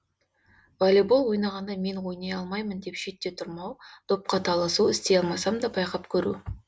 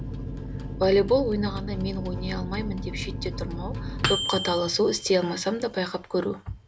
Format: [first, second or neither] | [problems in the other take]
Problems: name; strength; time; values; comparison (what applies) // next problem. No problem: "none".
first | background sound (Microwave oven); 6 dB below the speech